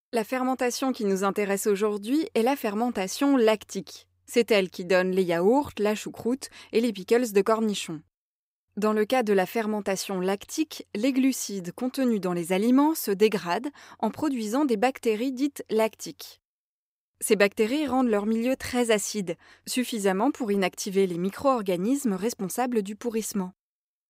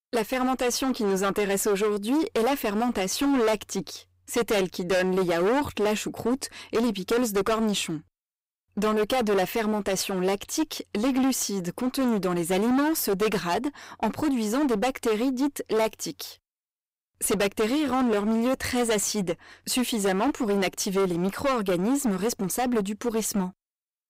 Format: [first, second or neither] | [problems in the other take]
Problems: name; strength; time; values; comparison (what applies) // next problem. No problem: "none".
first | distortion; heavy; 19% of the sound clipped